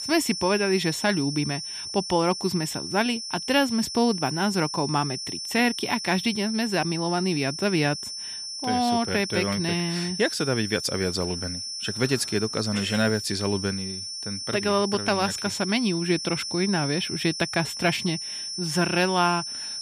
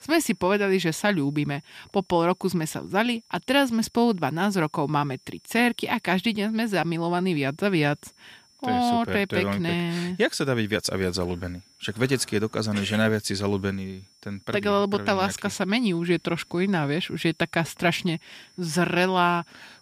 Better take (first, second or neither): second